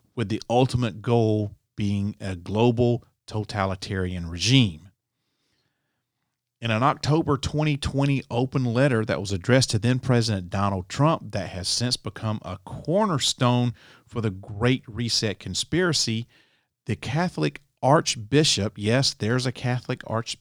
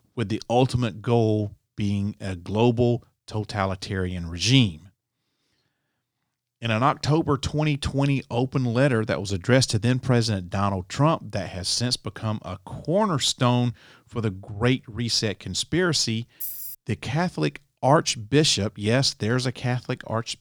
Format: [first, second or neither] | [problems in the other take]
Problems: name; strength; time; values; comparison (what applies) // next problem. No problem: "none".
first | jangling keys; noticeable; at 16 s; peak 6 dB below the speech